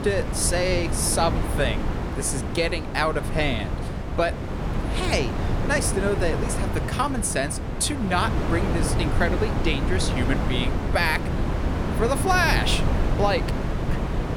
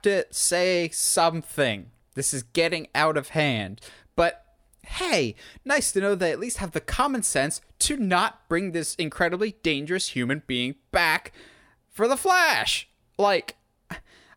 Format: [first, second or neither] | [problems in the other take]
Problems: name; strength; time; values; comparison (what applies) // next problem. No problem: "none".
second | wind noise on the microphone; heavy; 6 dB below the speech